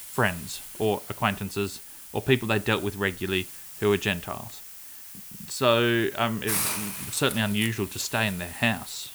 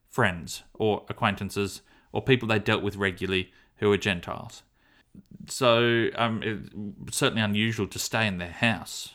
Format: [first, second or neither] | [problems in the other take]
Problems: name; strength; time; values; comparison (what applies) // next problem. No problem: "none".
second | hiss; loud; throughout; 9 dB below the speech